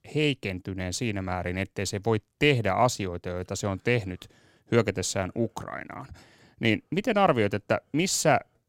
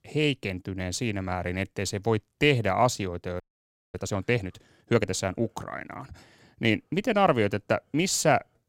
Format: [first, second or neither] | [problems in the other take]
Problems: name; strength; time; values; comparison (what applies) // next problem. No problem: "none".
first | audio freezing; at 3.5 s for 0.5 s